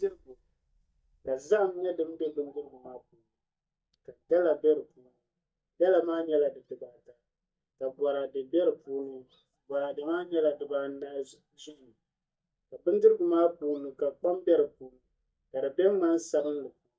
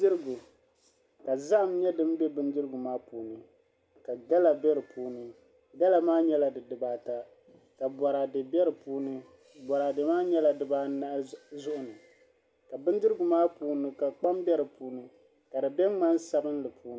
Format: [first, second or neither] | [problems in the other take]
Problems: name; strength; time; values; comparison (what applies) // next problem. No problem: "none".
second | noise reduction (neural mask model DeepFilterNet 3)